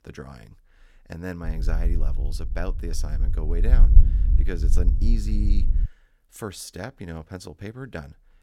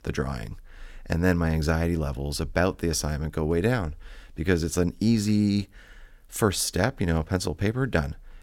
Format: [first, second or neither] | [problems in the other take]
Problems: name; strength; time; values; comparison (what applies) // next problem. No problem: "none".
second | low rumble; loud; from 1.5 to 6 s; 7 dB below the speech